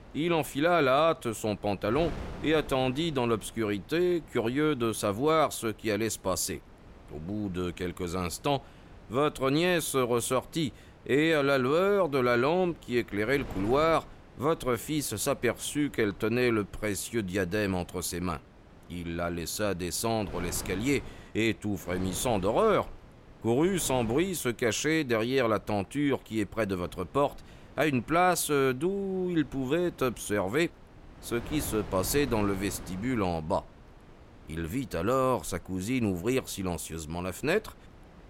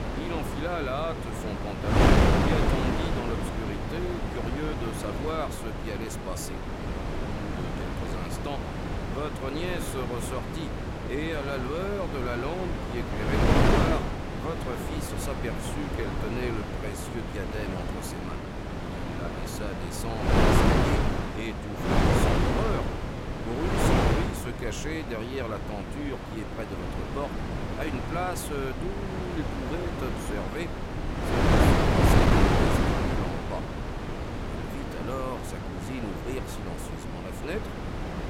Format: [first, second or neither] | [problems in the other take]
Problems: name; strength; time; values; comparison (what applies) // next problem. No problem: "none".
first | wind noise on the microphone; heavy; 5 dB above the speech; occasional gusts in the first